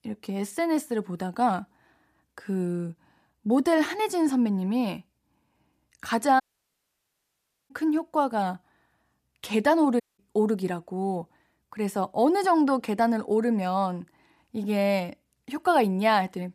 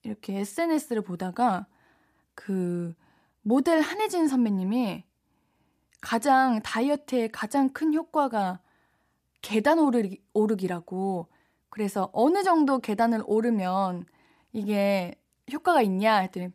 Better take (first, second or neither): second